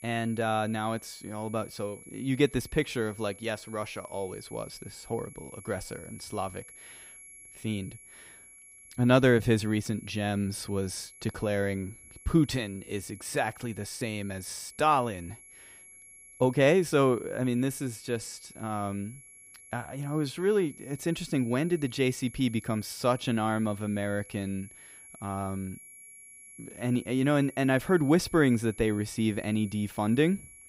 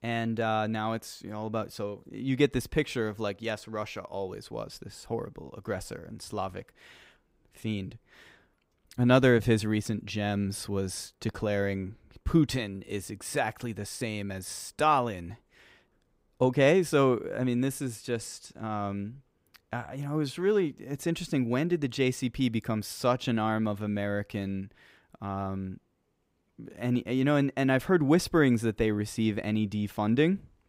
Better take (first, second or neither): second